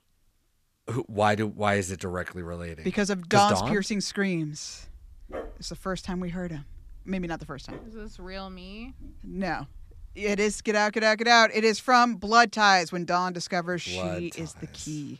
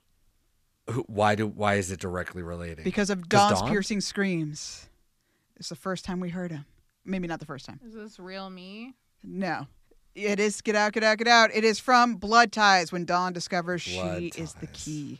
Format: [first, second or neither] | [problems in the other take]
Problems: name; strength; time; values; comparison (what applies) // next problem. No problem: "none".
second | dog barking; faint; from 5 to 11 s; peak 15 dB below the speech